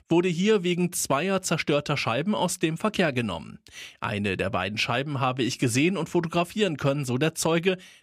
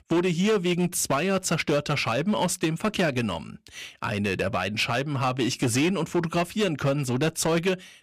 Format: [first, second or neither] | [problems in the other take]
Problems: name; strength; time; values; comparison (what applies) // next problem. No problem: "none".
first | distortion; slight; 9% of the sound clipped